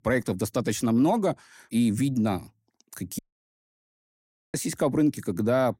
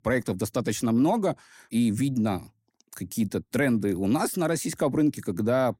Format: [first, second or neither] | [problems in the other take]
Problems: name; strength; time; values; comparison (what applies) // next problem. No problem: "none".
second | audio cutting out; at 3 s for 1.5 s